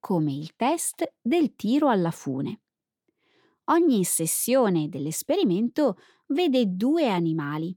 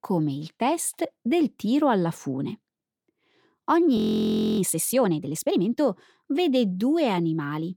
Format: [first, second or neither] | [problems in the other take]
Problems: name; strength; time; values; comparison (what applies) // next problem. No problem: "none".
first | audio freezing; at 4 s for 0.5 s